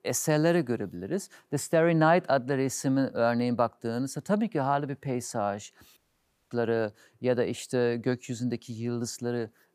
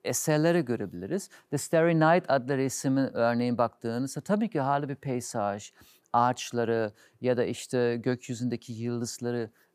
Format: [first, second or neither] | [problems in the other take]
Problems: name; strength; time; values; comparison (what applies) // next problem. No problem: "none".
second | audio cutting out; at 6 s for 0.5 s